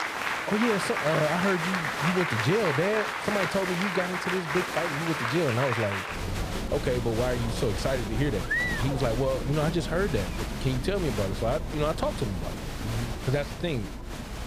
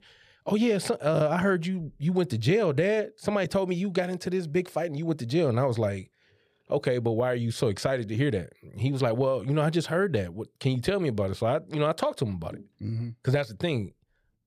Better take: second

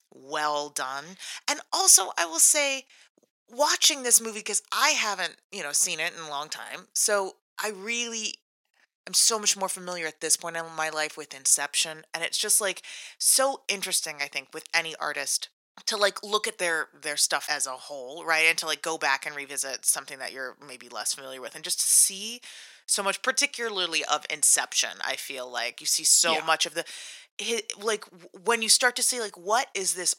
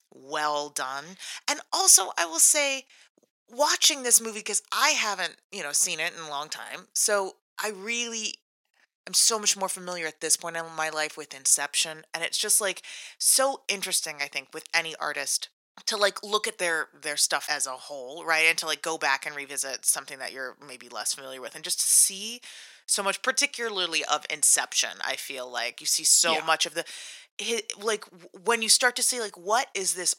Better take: neither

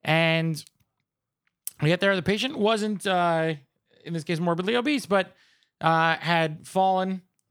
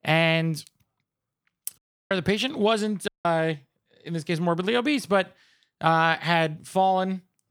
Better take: first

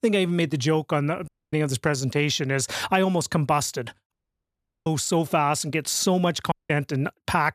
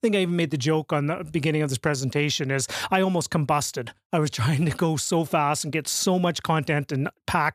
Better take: second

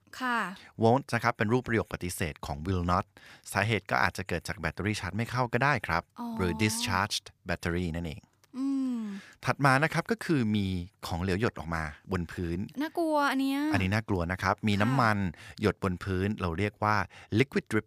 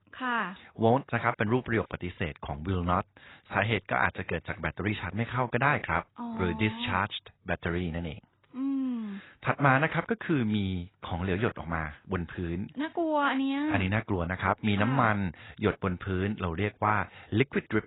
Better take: first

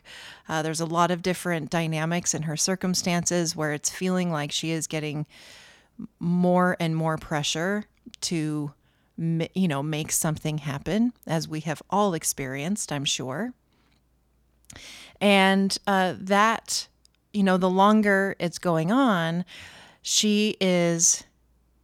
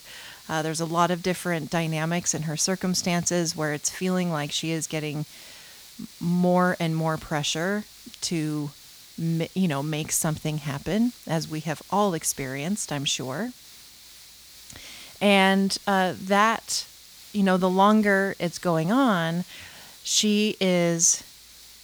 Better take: first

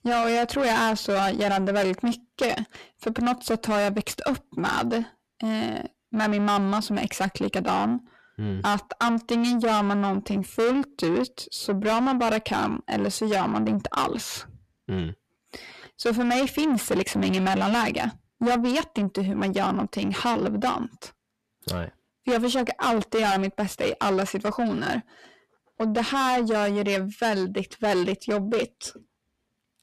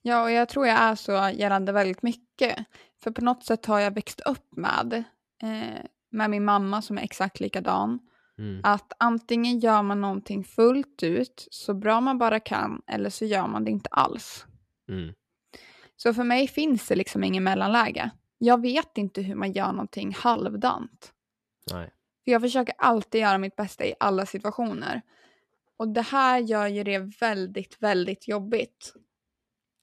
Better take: second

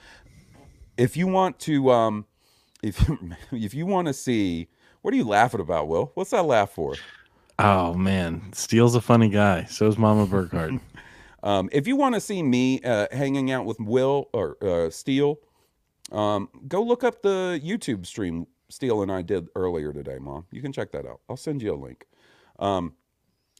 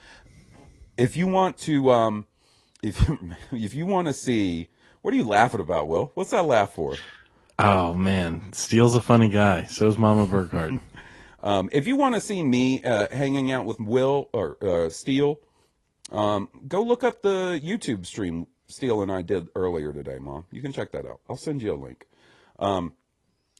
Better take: first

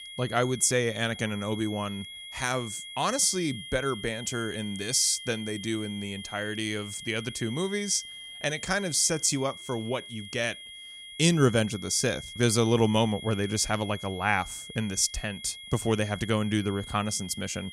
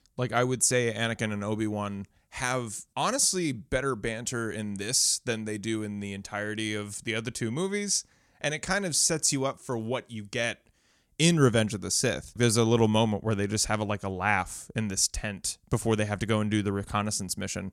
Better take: second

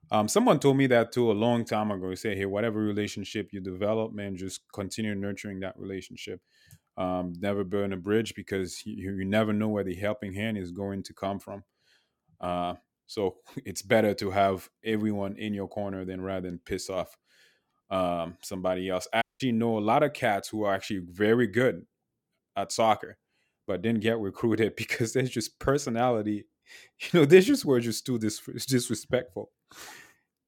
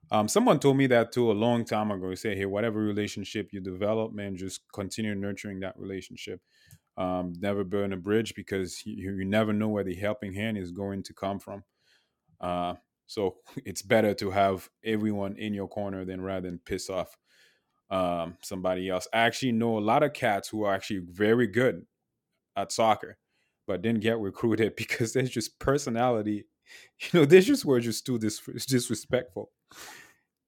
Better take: second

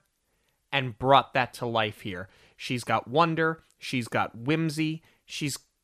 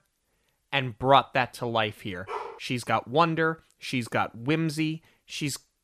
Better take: first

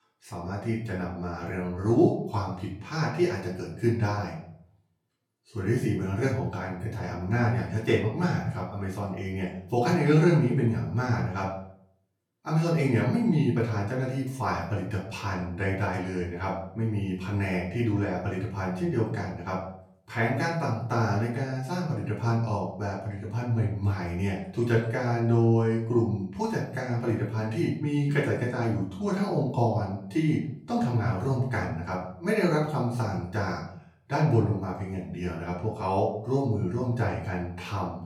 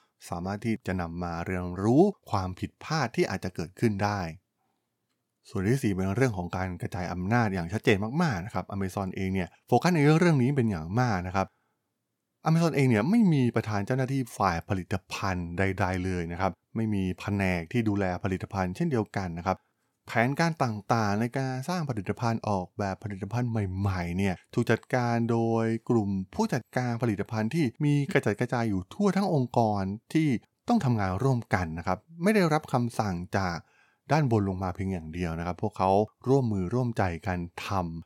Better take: second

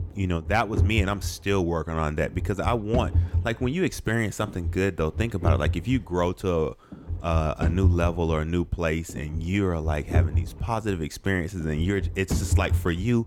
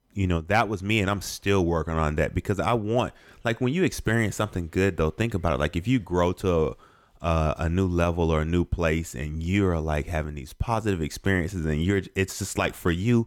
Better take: second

